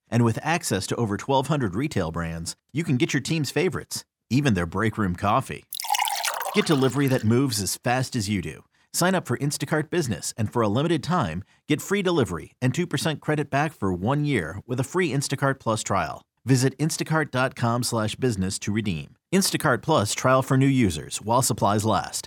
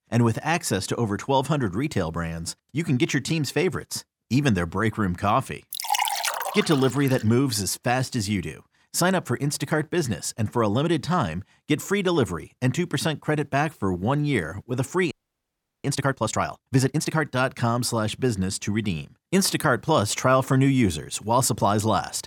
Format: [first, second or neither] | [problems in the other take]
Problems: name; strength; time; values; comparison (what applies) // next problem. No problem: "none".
first | audio freezing; at 15 s for 0.5 s